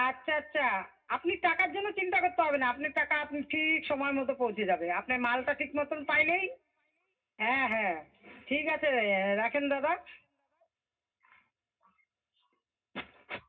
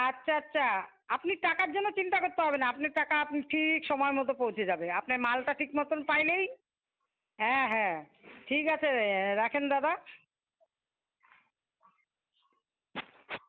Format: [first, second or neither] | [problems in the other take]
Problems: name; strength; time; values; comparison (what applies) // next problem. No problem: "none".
second | room echo; dies away in 0.4 s